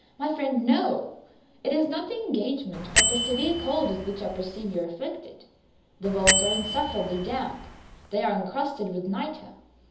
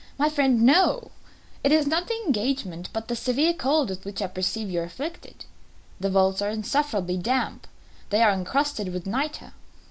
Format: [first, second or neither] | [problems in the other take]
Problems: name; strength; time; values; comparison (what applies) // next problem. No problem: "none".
second | background sound (Bell); 1 dB above the speech // room echo; dies away in 0.7 s